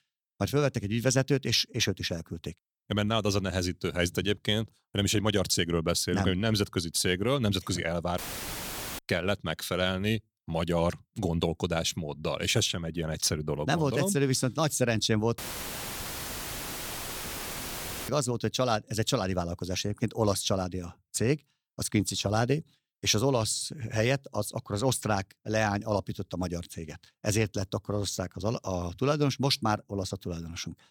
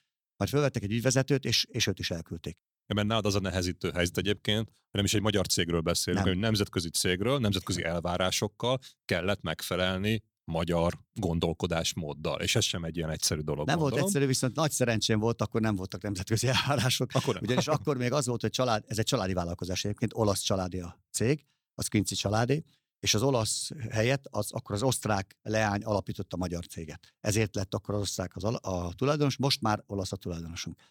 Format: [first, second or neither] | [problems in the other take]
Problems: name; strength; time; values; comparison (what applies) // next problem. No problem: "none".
second | audio cutting out; filled with static; at 8 s for 1 s and at 15 s for 2.5 s